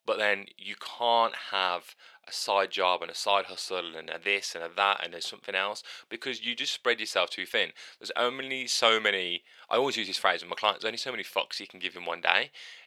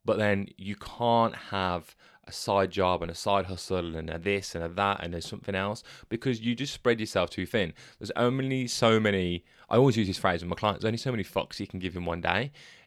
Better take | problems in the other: second | thin; very; fading below 550 Hz

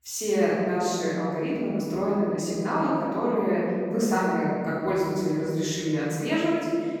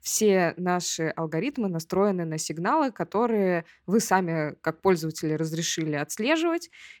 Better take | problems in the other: second | off-mic speech; far // room echo; strong; dies away in 2.7 s

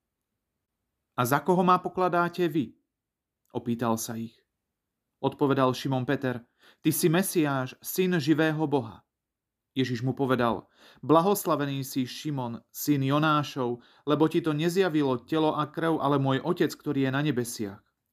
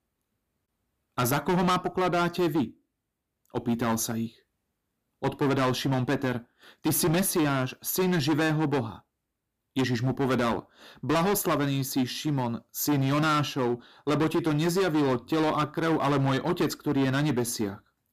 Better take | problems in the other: first | distortion; heavy; 15% of the sound clipped

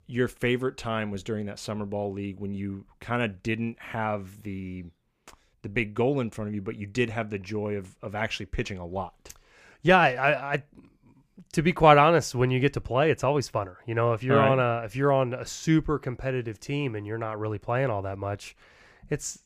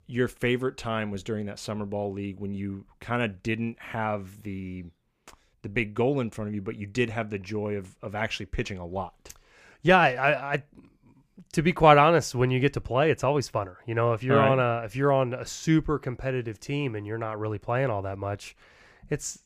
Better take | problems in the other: neither | none

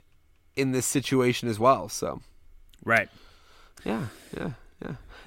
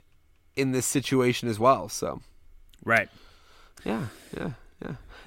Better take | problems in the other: neither | none

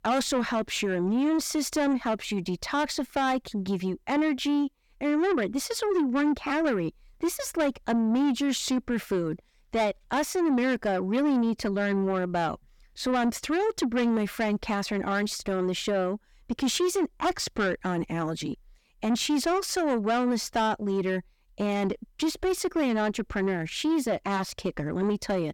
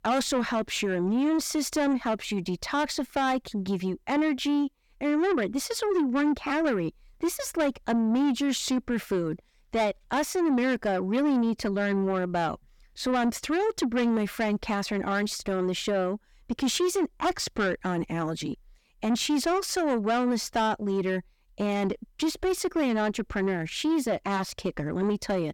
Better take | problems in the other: neither | distortion; slight; 10 dB below the speech; the same in both

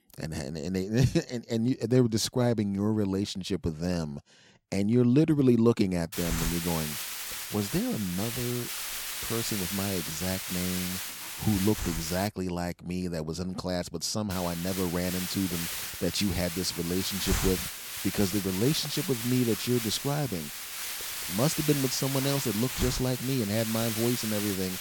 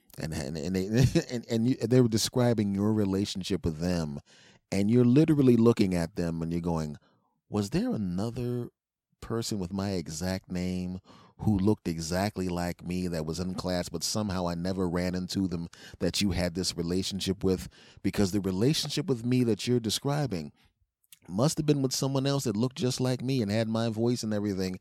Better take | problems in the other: second | hiss; loud; from 6 to 12 s and from 14 s on; 4 dB below the speech

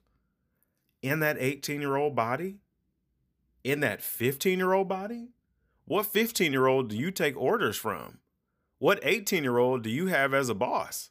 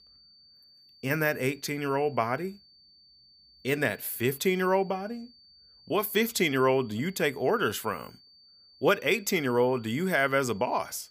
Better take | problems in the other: first | high-pitched whine; faint; throughout; 4.5 kHz, 25 dB below the speech

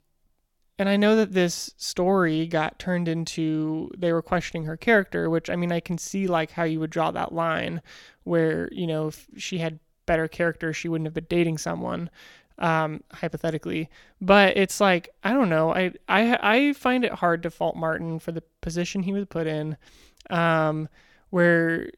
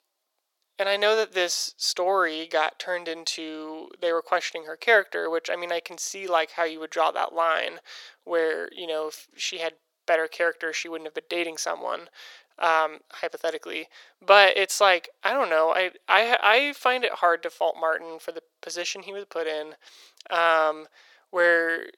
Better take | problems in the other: first | thin; very; fading below 450 Hz

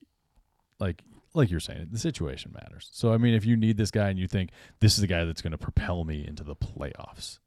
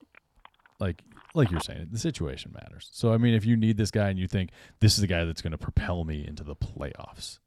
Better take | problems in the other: first | phone ringing; faint; until 3.5 s; peak 15 dB below the speech

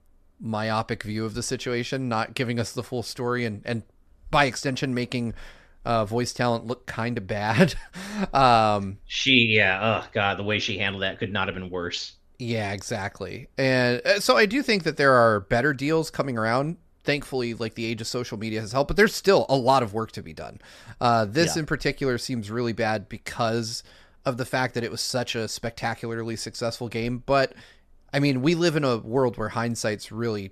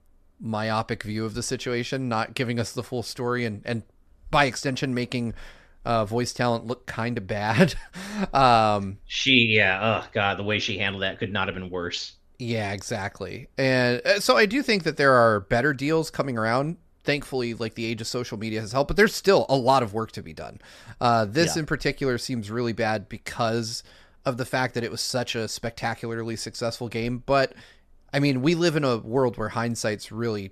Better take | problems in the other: neither | none

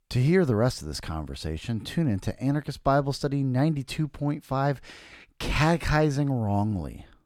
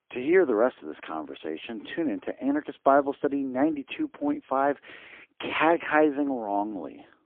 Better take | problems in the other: first | phone-call audio; poor line; nothing above 3.5 kHz

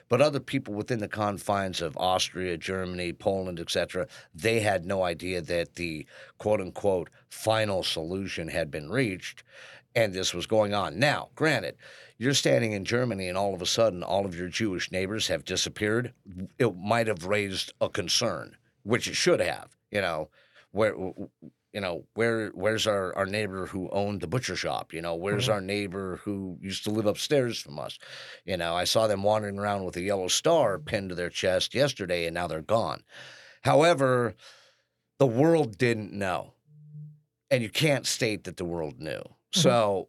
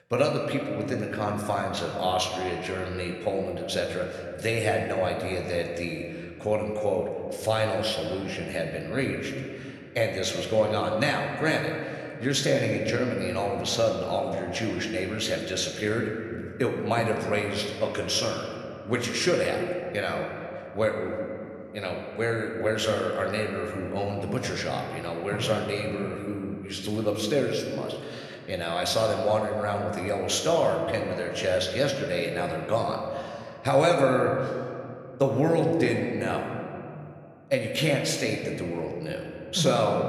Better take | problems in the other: first | room echo; slight; dies away in 2.1 s

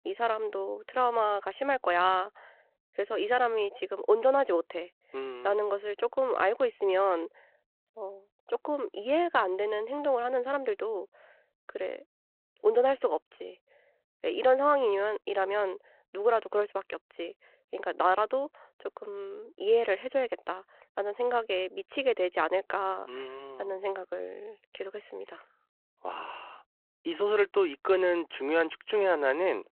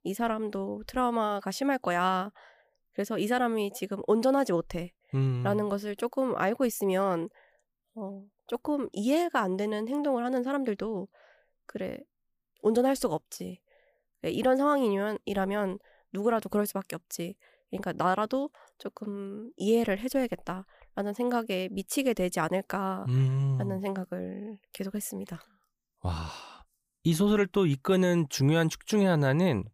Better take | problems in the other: second | phone-call audio

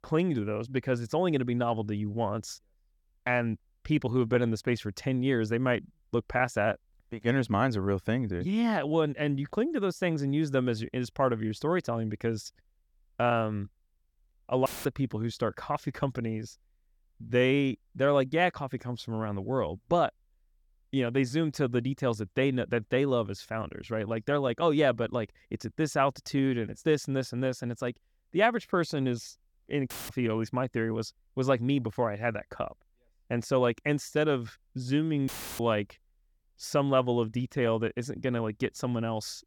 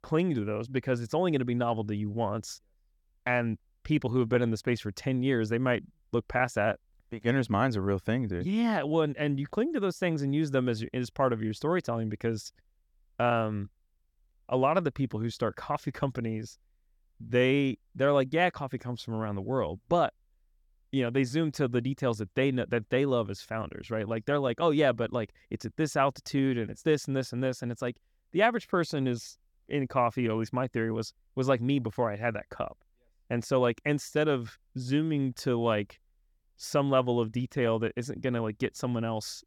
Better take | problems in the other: second | audio cutting out; filled with static; at 15 s, at 30 s and at 35 s

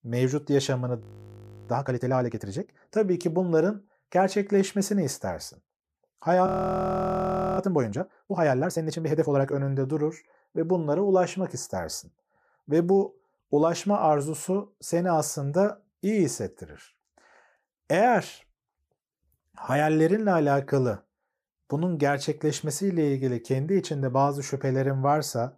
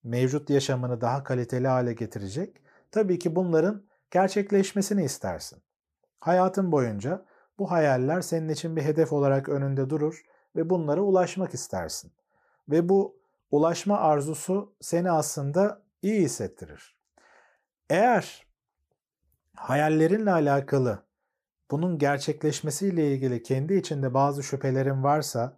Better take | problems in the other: second | audio freezing; at 1 s for 0.5 s and at 6.5 s for 1 s

